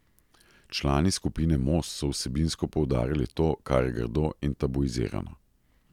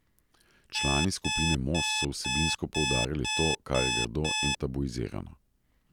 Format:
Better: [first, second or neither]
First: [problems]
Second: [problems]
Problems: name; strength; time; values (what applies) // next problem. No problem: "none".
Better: first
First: none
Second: background sound (Alarm); 1 dB above the speech